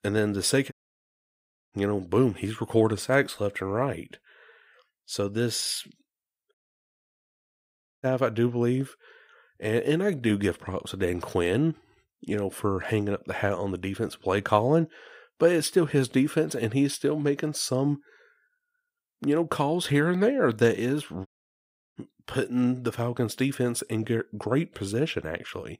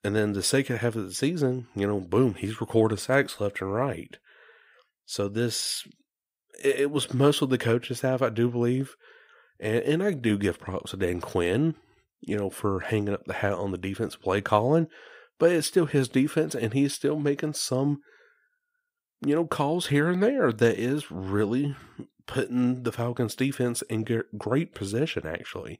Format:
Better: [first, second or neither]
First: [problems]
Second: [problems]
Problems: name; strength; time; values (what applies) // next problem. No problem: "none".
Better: second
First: audio cutting out; at 0.5 s for 1 s, at 6.5 s for 1.5 s and at 21 s for 0.5 s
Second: none